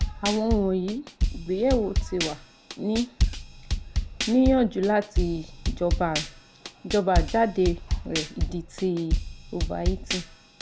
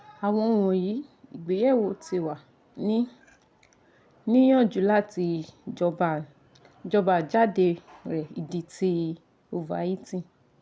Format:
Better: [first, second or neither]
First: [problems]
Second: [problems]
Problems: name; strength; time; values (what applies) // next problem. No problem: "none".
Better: second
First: background sound (Drum / Drum kit); 2 dB below the speech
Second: none